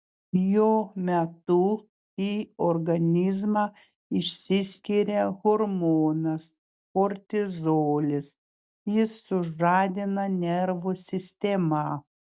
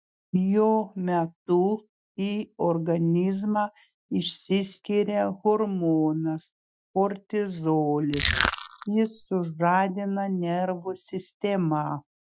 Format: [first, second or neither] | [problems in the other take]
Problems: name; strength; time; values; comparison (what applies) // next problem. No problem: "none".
first | noise reduction (classical method Wiener filter)